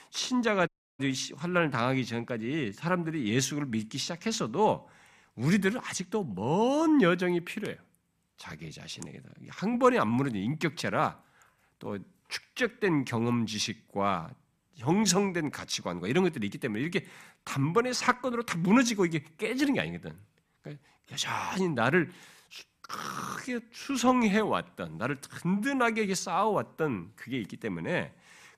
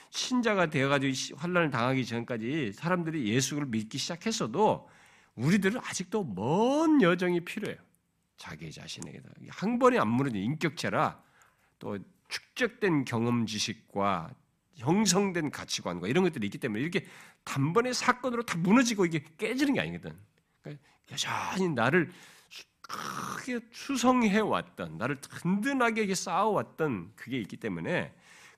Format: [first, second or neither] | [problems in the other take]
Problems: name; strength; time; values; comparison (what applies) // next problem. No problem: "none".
second | audio cutting out; at 0.5 s